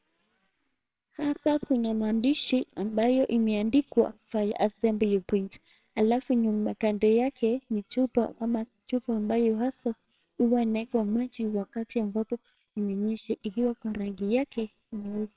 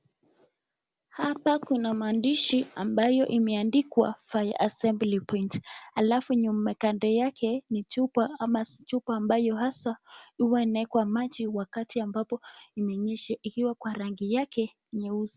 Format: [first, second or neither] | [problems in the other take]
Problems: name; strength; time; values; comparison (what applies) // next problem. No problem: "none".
second | noise reduction (neural separator model SepFormer WHAMR!)